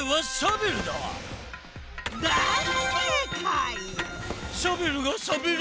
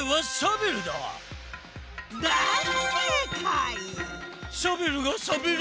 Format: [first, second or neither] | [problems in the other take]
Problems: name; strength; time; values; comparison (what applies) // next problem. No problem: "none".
second | background sound (Drawer open or close); 11 dB below the speech